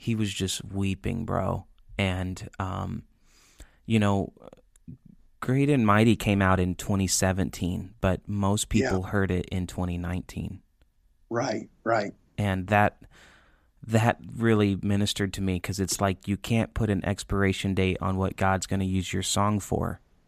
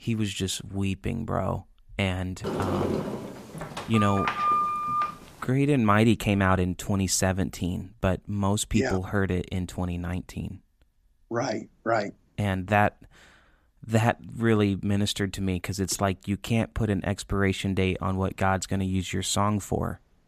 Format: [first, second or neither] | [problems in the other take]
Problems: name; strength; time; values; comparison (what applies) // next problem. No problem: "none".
first | door banging; loud; from 2.5 to 5 s; peak 3 dB above the speech